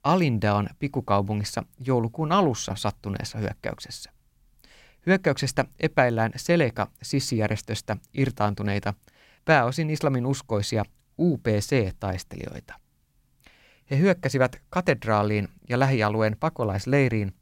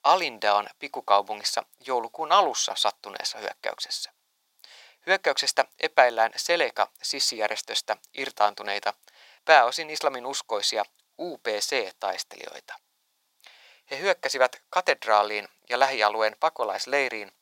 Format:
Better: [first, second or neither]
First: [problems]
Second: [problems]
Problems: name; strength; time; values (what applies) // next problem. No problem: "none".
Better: first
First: none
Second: thin; very; fading below 550 Hz